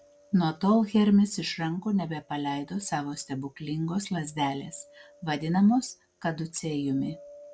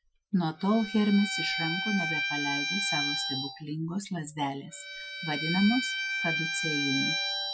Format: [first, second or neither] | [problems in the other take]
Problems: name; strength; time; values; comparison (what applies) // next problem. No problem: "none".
first | noise reduction (classical method Wiener filter)